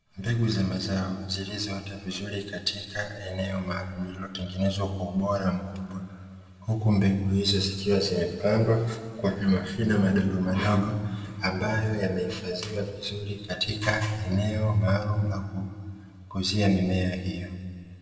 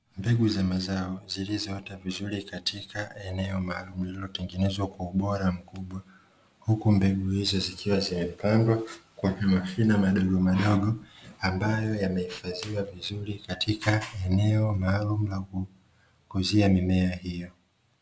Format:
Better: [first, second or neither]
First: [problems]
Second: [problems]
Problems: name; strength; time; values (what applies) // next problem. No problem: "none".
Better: second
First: room echo; dies away in 1.8 s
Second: none